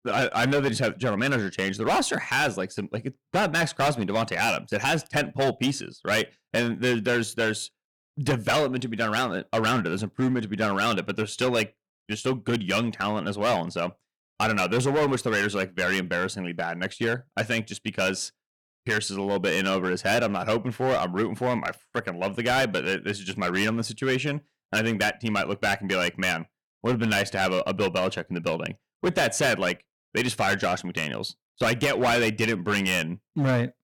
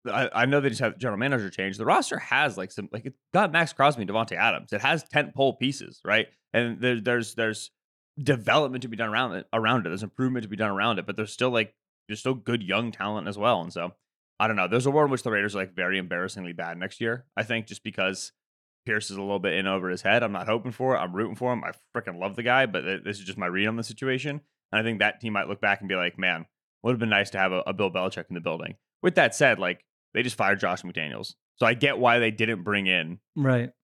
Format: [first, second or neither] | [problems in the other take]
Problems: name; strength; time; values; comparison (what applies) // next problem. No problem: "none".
second | distortion; heavy; 10% of the sound clipped